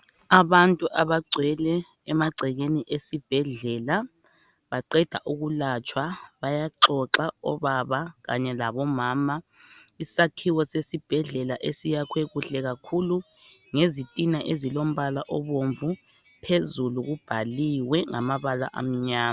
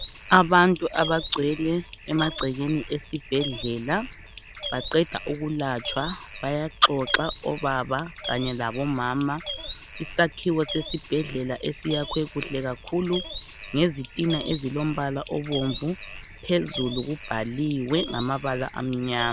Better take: first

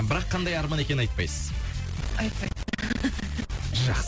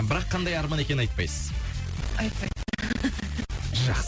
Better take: second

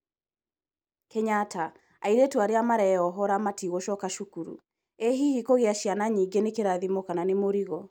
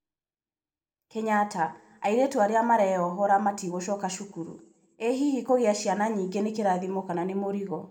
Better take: first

